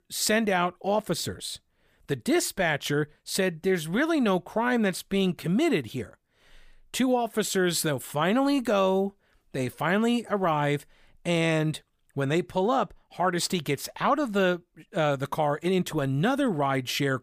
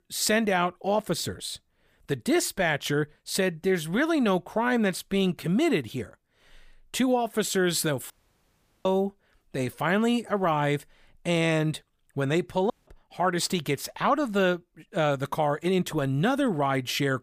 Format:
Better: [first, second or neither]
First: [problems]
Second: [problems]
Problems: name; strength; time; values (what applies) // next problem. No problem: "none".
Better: first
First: none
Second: audio cutting out; at 8 s for 1 s and at 13 s